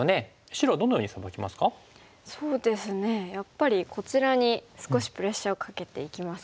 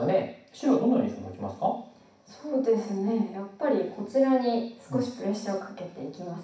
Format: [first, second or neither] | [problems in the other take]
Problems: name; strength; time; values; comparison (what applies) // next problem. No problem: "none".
first | room echo; dies away in 0.6 s